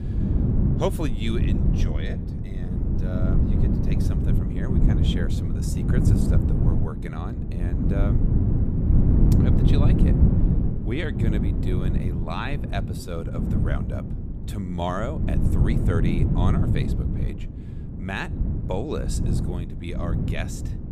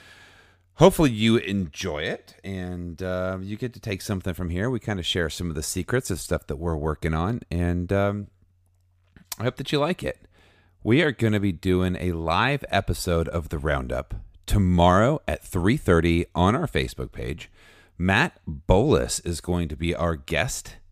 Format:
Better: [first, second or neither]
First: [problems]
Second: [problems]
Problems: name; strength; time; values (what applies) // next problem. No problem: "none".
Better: second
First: wind noise on the microphone; heavy; as loud as the speech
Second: none